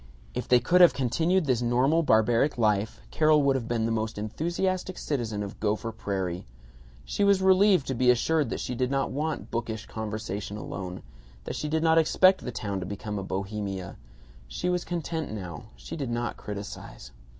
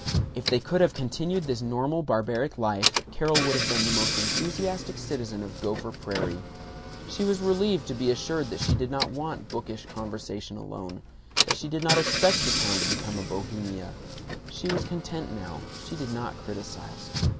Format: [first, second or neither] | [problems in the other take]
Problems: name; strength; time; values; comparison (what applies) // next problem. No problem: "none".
first | background sound (Engine / Car); 2 dB below the speech